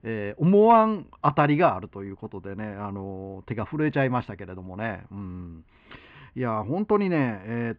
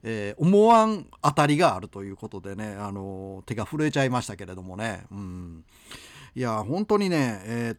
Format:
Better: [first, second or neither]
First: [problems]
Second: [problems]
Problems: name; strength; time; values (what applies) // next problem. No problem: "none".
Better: second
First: muffled; very; fading above 2.5 kHz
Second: none